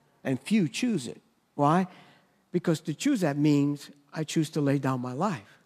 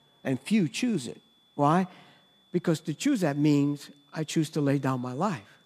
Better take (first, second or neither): first